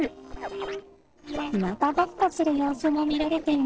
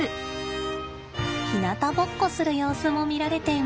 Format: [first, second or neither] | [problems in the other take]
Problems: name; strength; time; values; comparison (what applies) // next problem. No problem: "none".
second | noise reduction (neural separator model SepFormer DNS4)